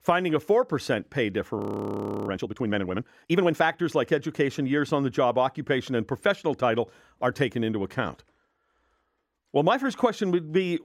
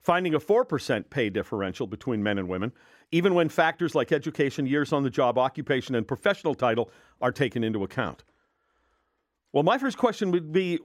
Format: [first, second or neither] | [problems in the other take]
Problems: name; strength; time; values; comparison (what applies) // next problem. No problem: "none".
second | audio freezing; at 1.5 s for 0.5 s